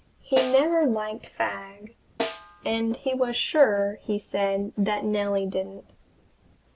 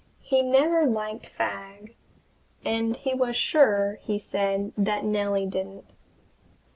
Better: second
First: background sound (Snare drum); 11 dB below the speech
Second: none

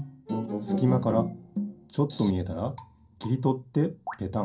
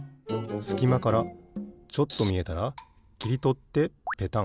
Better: second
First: room echo; dies away in 0.3 s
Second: none

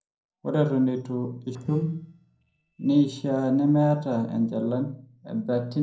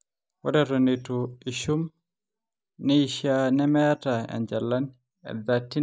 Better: second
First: noise reduction (neural separator model SepFormer DNS4)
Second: none

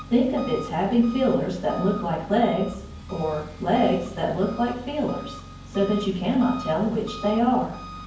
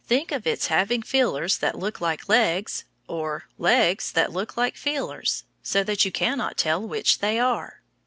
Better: second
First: background sound (Engine); 14 dB below the speech // room echo; dies away in 0.9 s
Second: none

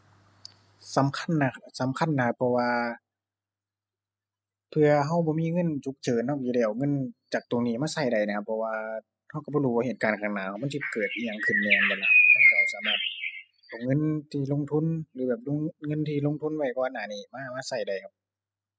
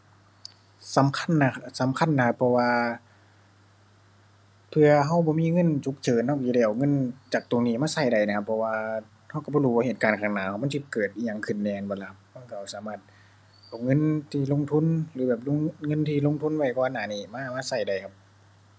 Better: second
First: noise reduction (classical method spectral subtraction)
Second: none

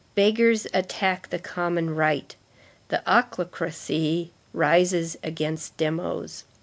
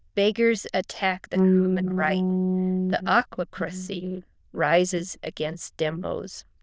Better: first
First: none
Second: noise reduction (neural diffusion model UNIVERSE++)

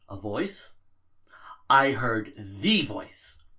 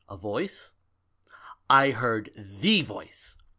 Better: second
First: room echo; dies away in 0.2 s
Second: none

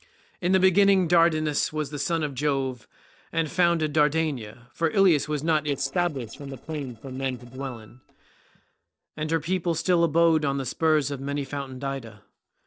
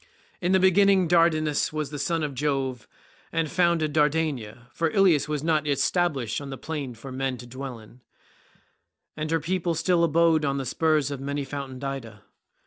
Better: second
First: noise reduction (neural separator model SepFormer DNS4)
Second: none

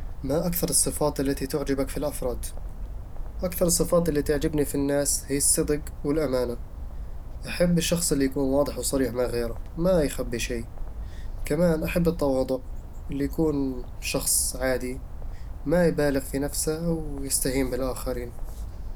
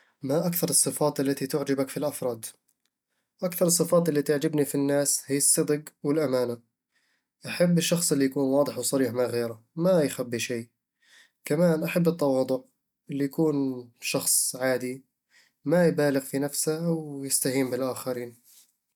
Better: second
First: background sound (Bird); 7 dB below the speech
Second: none

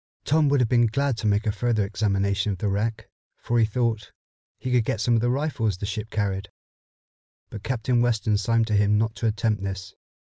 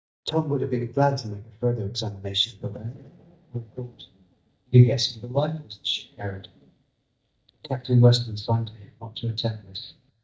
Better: first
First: none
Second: noise reduction (neural mask model DeepFilterNet 3)

